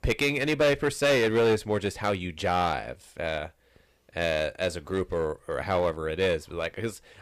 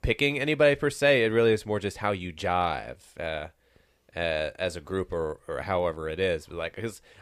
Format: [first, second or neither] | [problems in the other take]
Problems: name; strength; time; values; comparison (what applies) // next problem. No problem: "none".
second | distortion; slight; 6% of the sound clipped